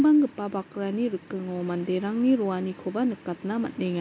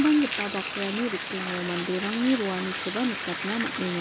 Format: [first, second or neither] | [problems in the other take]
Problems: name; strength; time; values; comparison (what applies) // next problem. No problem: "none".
first | background sound (Bathtub (filling or washing)); 5 dB below the speech